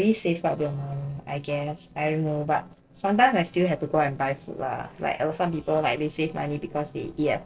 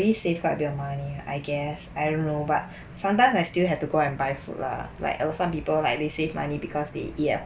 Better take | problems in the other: second | noise reduction (neural separator model SepFormer DNS4)

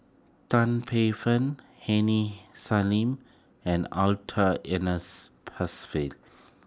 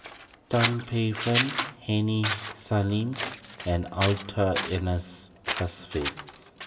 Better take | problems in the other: first | background sound (Scissors); 6 dB below the speech // room echo; dies away in 1.8 s

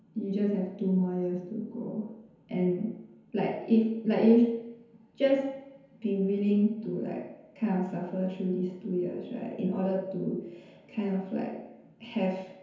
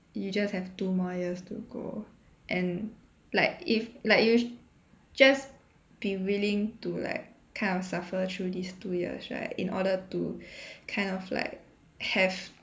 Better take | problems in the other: second | room echo; dies away in 0.9 s

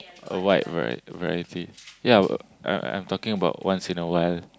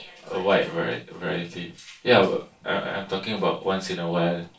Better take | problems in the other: first | room echo; dies away in 0.2 s

